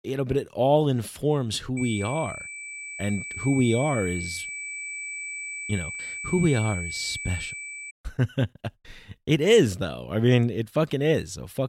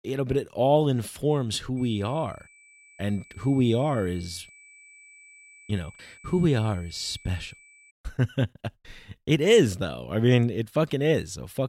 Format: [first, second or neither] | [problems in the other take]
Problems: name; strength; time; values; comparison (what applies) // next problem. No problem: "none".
second | high-pitched whine; loud; from 2 to 8 s; 2.5 kHz, 8 dB below the speech; faint in the second